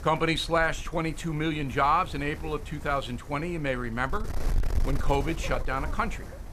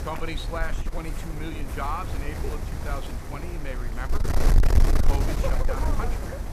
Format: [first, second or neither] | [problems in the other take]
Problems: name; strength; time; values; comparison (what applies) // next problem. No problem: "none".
first | wind noise on the microphone; heavy; as loud as the speech; occasional gusts in the first